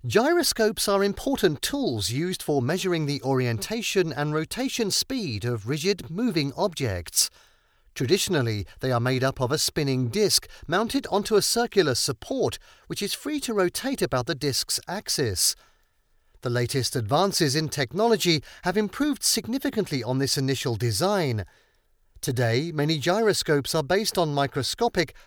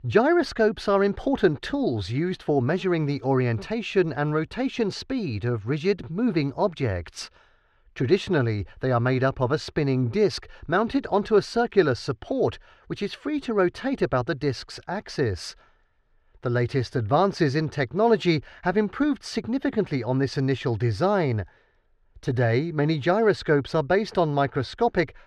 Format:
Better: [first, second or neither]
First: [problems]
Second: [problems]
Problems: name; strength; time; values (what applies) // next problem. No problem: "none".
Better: first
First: none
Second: muffled; slightly; fading above 2.5 kHz